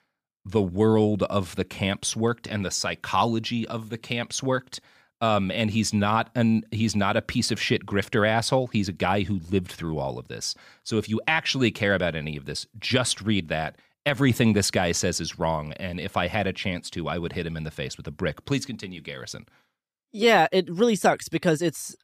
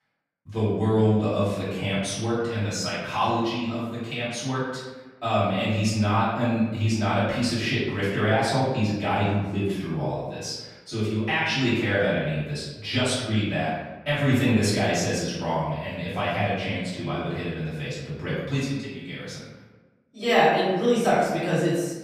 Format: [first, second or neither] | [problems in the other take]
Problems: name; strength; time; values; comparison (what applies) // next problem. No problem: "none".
first | room echo; noticeable; dies away in 1 s // off-mic speech; far